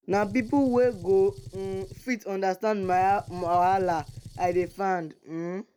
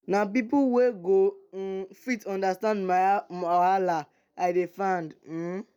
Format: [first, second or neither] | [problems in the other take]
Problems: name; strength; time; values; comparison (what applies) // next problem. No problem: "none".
second | background sound (Gunshot, gunfire); 18 dB below the speech